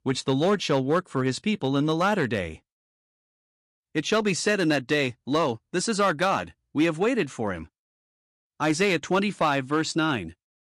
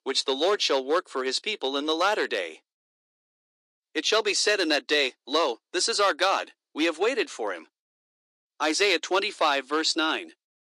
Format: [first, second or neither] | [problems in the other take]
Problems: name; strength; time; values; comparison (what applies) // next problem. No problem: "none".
first | thin; somewhat; fading below 350 Hz